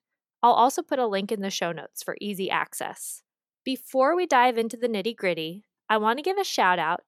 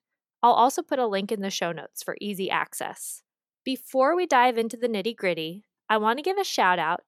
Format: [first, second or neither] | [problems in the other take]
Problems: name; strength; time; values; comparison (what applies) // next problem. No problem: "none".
neither | none